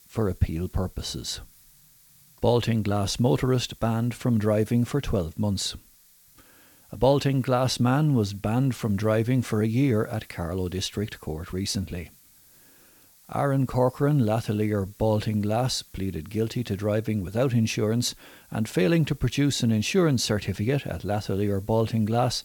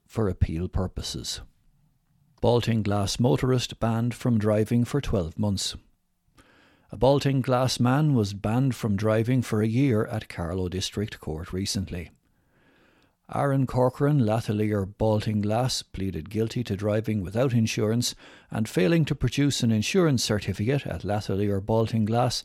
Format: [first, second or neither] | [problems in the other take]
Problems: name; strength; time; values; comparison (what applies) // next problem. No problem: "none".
second | hiss; faint; throughout; 25 dB below the speech